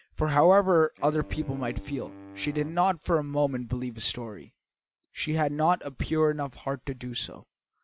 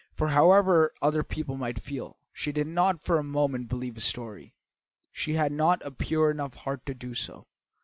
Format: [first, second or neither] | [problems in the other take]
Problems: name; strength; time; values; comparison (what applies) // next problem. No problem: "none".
second | background sound (Wind instrument, woodwind instrument); 18 dB below the speech